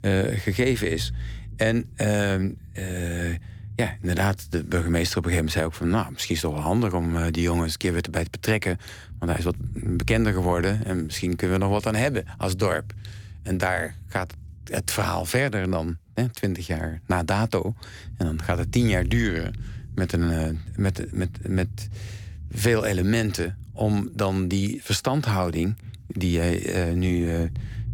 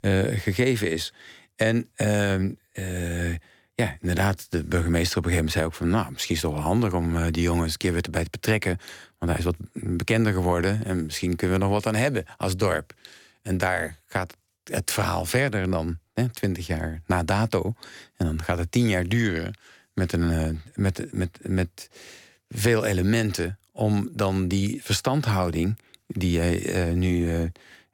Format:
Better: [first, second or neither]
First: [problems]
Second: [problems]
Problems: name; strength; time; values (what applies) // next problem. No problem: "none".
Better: second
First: low rumble; faint; throughout; 25 dB below the speech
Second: none